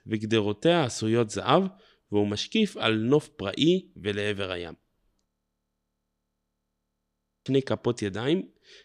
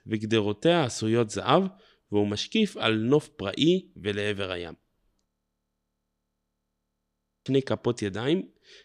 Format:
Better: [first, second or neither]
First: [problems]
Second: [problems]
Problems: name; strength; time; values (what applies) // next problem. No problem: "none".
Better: neither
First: audio freezing; at 5.5 s for 2 s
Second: audio freezing; at 5.5 s for 2 s